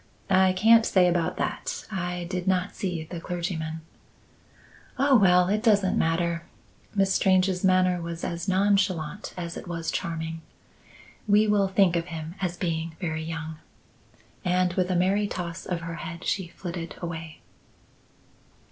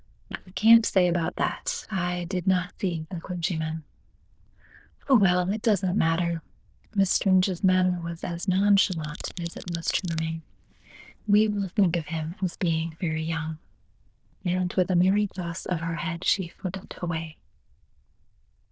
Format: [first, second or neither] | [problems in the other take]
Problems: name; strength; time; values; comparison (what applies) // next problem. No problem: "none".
first | noise reduction (neural diffusion model UNIVERSE++)